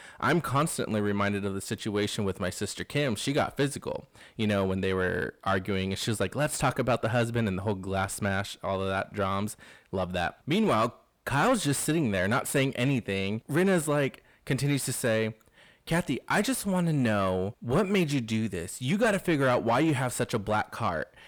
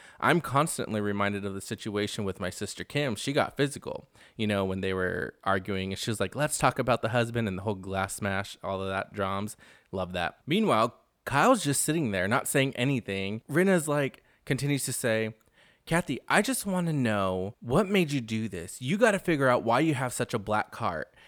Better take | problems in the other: second | distortion; slight; 10 dB below the speech

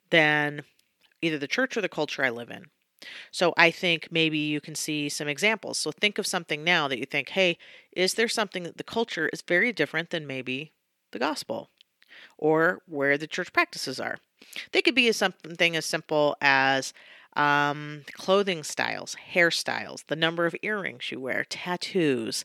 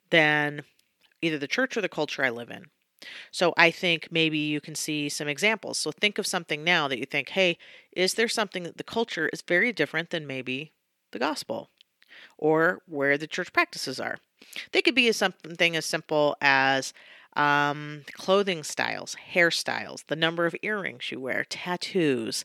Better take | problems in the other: neither | thin; somewhat; fading below 300 Hz; the same in both

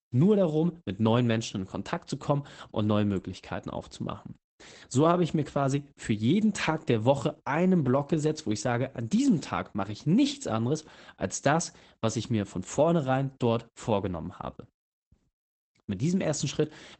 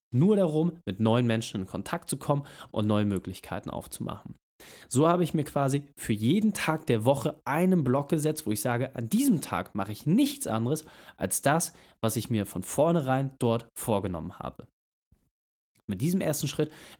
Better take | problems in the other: second | garbled, watery; badly; nothing above 8 kHz; slightly in the second

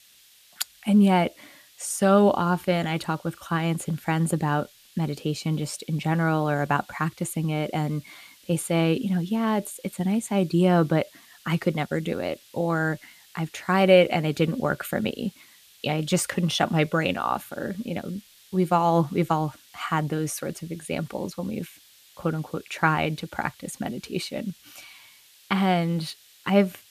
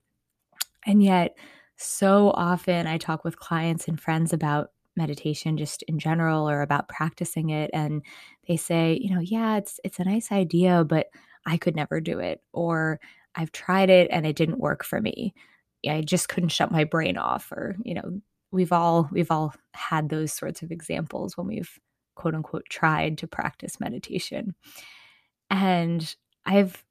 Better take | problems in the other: second | hiss; faint; throughout; 25 dB below the speech

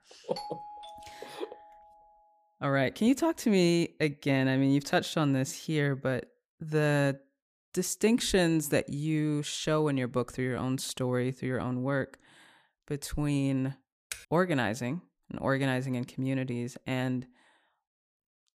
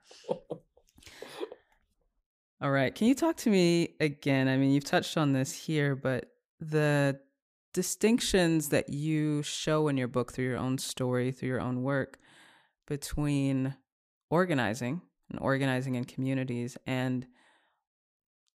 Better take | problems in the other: second | doorbell; faint; until 2 s; peak 10 dB below the speech // keyboard typing; faint; at 14 s; peak 15 dB below the speech

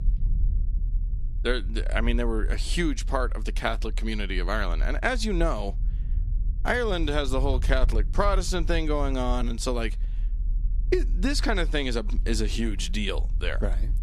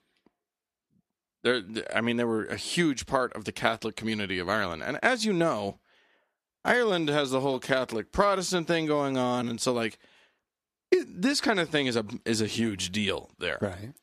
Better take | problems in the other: second | low rumble; faint; throughout; 25 dB below the speech

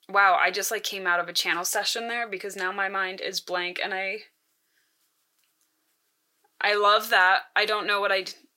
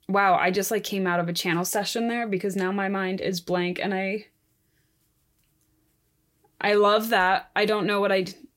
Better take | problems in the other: second | thin; very; fading below 500 Hz

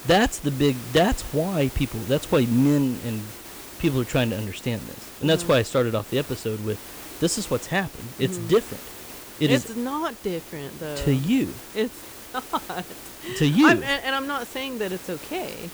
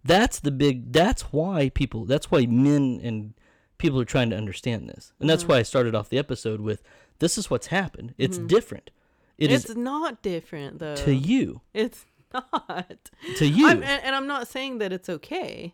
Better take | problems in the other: second | hiss; noticeable; throughout; 15 dB below the speech

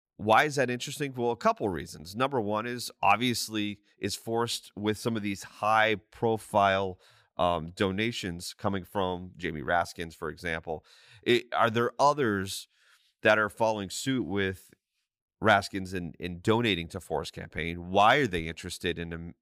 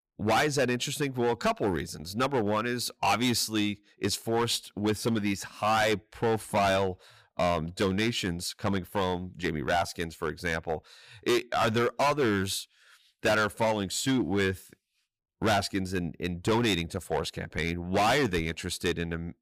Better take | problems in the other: first | distortion; heavy; 9% of the sound clipped

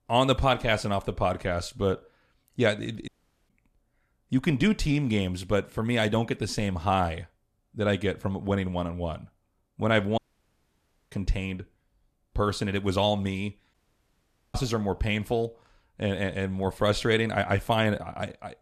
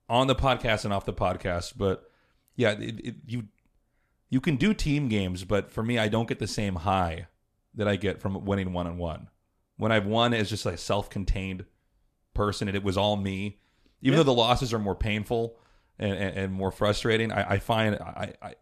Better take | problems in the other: second | audio cutting out; at 3 s, at 10 s for 1 s and at 14 s for 1 s

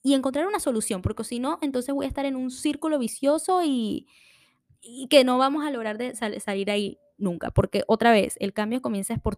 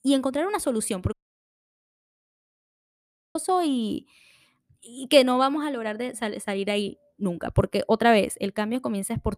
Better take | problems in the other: first | audio cutting out; at 1 s for 2 s

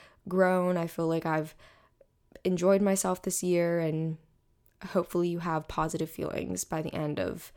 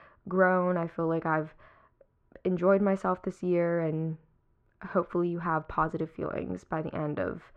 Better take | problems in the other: first | muffled; very; fading above 1.5 kHz

